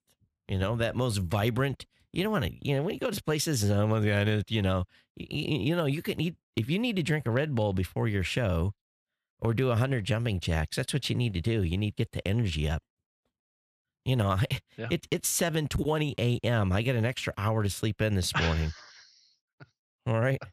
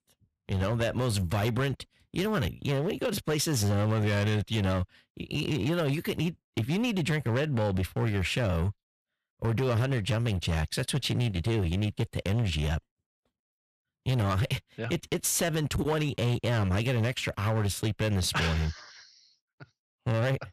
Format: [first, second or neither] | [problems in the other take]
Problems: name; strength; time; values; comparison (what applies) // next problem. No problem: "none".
first | distortion; slight; 12% of the sound clipped